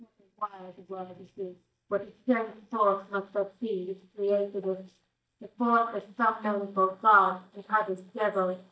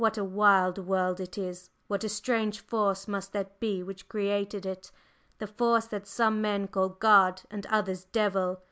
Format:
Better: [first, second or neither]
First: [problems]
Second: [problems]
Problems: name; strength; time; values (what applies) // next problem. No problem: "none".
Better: second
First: noise reduction (neural mask model DeepFilterNet 3)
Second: none